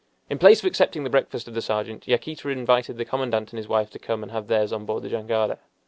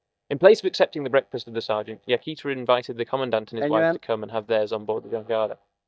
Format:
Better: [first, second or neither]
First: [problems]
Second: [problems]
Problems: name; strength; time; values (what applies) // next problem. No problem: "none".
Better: first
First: none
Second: noise reduction (neural mask model DeepFilterNet 3)